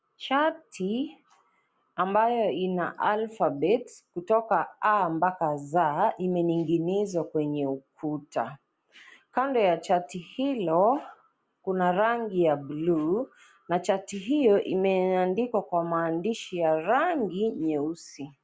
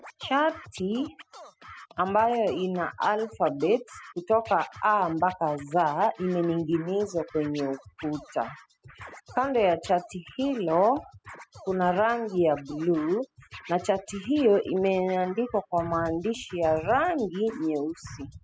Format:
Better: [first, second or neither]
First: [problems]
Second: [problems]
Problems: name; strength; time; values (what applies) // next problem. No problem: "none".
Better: first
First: none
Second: noise reduction (classical method spectral subtraction)